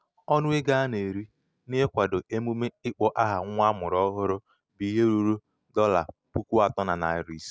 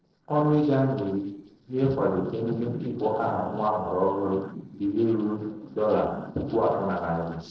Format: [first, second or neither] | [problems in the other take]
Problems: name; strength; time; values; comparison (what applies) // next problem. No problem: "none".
first | noise reduction (neural separator model SepFormer DNS4)